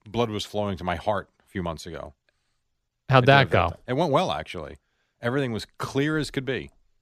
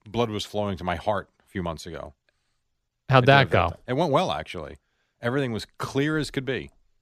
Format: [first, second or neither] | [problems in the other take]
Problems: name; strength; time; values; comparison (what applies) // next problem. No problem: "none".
neither | none